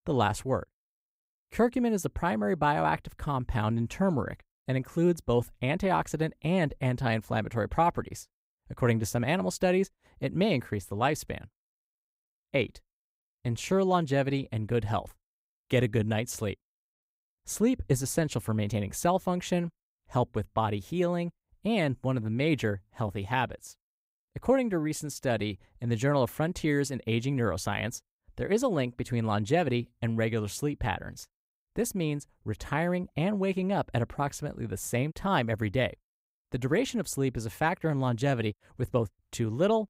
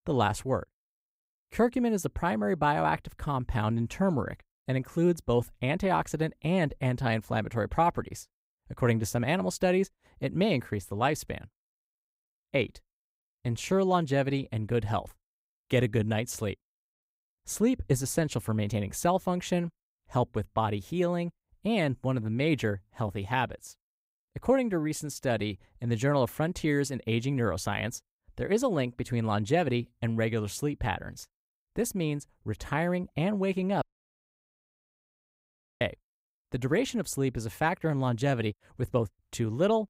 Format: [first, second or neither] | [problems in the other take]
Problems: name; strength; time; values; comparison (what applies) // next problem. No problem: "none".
first | audio cutting out; at 34 s for 2 s